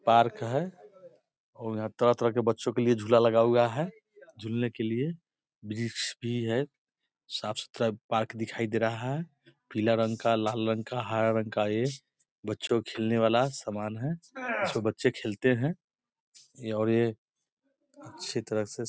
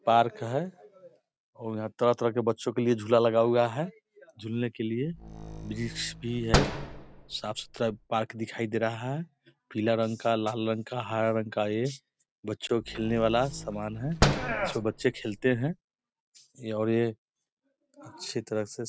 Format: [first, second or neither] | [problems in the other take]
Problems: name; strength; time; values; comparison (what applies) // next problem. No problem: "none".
first | background sound (Slam); 3 dB below the speech